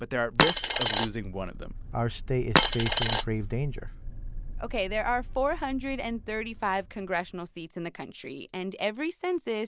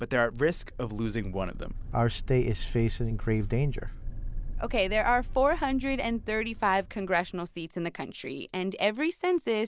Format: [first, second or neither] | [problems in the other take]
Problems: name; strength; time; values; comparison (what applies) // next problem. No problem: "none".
second | background sound (Coin (dropping)); 5 dB above the speech